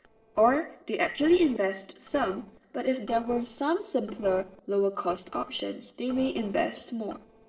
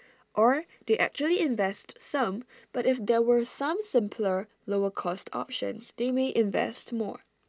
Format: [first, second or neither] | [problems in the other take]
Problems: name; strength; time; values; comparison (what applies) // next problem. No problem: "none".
second | noise reduction (neural separator model SepFormer DNS4)